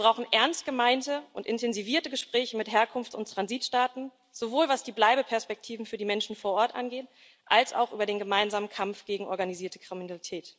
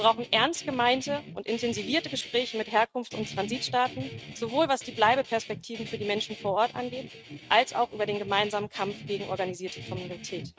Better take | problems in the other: first | noise reduction (neural mask model RNNoise)

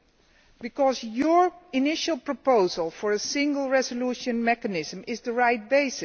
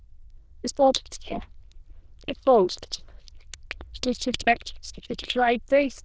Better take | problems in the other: first | noise reduction (neural diffusion model UNIVERSE++)

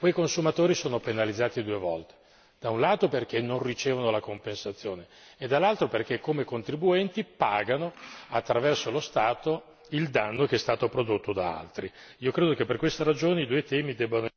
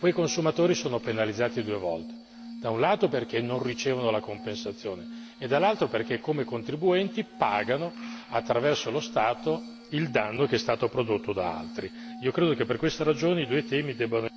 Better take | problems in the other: first | background sound (Glass); 14 dB below the speech

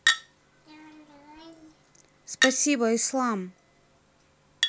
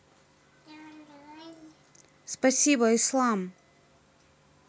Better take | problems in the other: second | background sound (Chink, clink); 2 dB below the speech

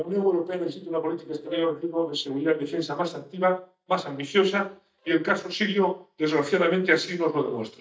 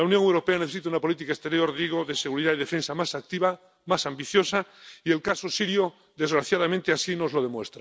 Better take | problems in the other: second | noise reduction (neural mask model DeepFilterNet 3)

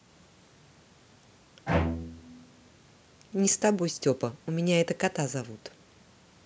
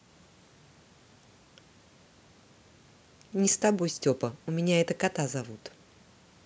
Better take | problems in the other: second | background sound (Bowed string instrument); 2 dB below the speech

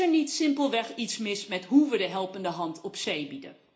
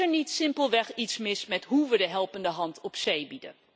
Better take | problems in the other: second | room echo; dies away in 0.4 s

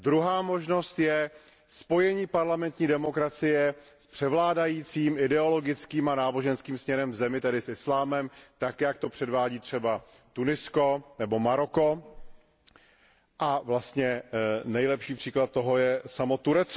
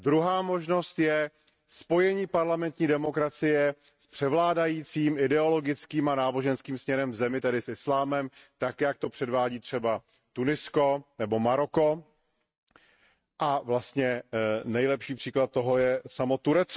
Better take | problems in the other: first | noise reduction (neural mask model RNNoise)

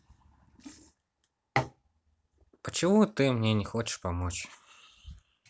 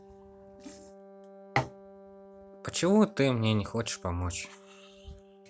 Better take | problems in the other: first | background sound (Wind instrument, woodwind instrument); 20 dB below the speech

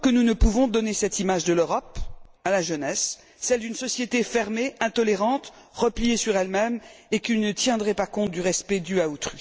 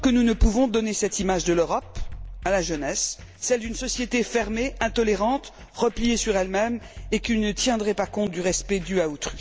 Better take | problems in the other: first | background sound (Drum kit); 15 dB below the speech

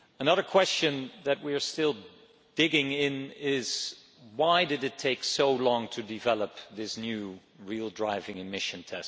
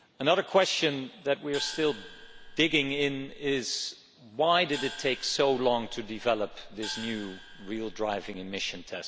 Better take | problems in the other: first | background sound (Gong); 14 dB below the speech

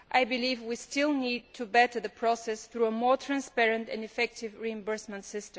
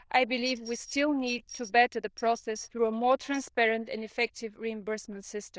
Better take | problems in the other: first | noise reduction (neural diffusion model UNIVERSE++)

